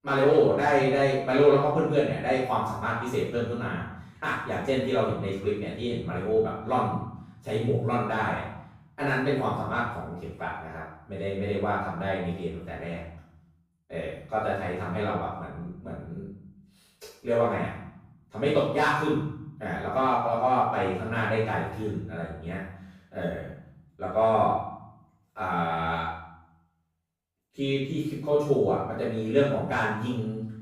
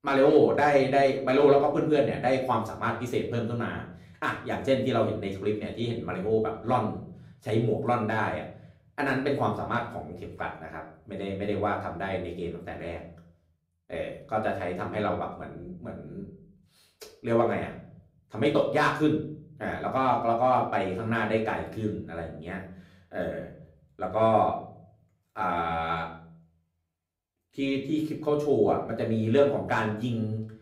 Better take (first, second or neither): second